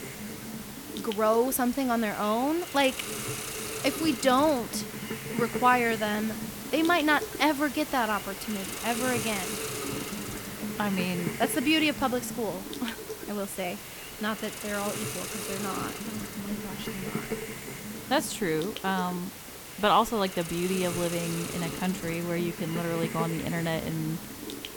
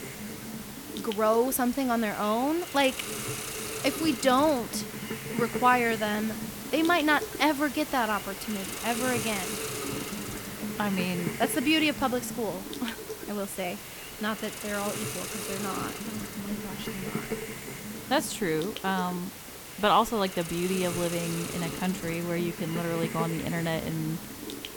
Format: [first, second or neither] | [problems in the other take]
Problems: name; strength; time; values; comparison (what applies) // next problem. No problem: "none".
neither | hiss; loud; throughout; 7 dB below the speech; the same in both